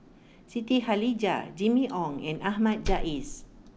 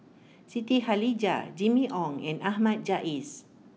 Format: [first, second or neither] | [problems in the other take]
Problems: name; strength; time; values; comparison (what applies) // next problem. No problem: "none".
second | background sound (Slam); 9 dB below the speech